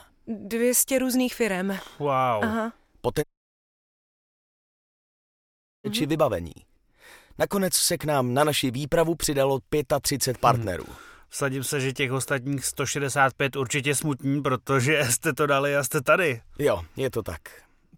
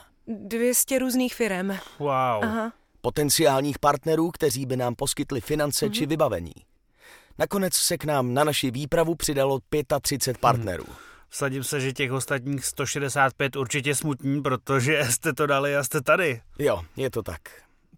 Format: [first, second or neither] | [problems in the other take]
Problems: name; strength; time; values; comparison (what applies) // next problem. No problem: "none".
second | audio cutting out; at 3 s for 2.5 s